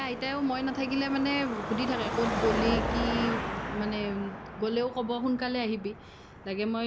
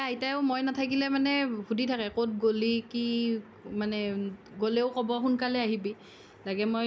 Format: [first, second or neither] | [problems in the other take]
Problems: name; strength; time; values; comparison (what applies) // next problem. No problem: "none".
second | background sound (Car passing by / Traffic noise, roadway noise / Engine); 4 dB below the speech